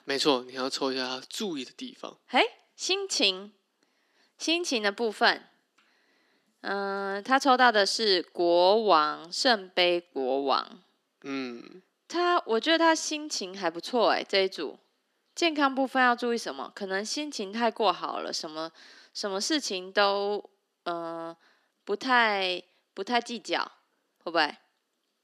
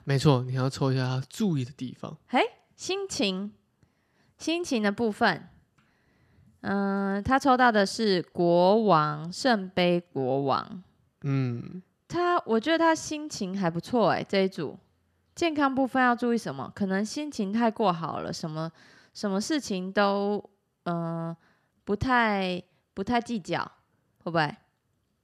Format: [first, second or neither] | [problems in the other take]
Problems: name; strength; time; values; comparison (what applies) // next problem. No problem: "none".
second | thin; somewhat; fading below 250 Hz